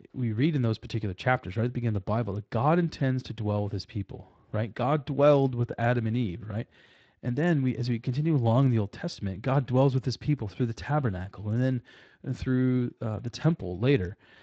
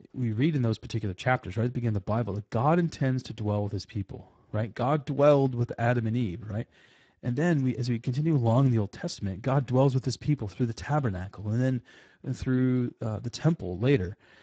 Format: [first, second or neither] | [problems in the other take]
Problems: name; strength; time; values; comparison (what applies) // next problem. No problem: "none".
first | garbled, watery; badly; nothing above 7.5 kHz; slightly in the first